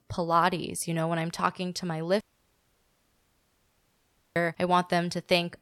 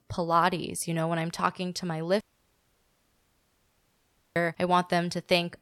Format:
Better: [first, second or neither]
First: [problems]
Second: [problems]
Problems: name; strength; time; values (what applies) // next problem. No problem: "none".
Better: neither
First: audio cutting out; at 2 s for 2 s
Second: audio cutting out; at 2 s for 2 s